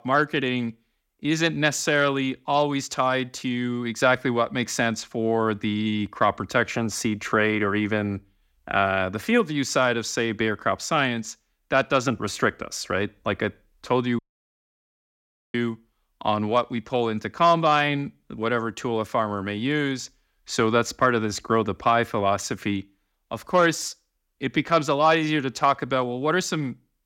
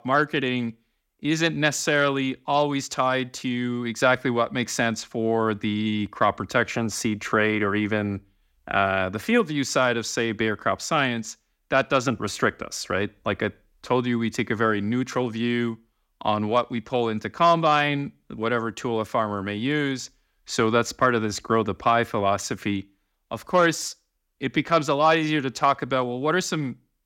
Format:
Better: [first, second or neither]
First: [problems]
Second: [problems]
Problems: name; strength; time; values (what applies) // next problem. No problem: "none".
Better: second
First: audio cutting out; at 14 s for 1.5 s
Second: none